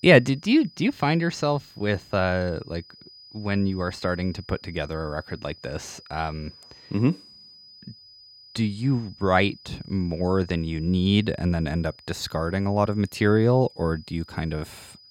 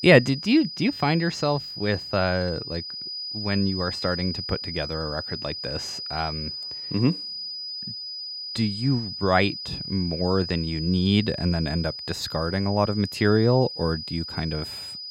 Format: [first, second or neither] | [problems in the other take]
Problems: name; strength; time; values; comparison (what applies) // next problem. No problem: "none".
first | high-pitched whine; loud; throughout; 5 kHz, 7 dB below the speech; faint in the first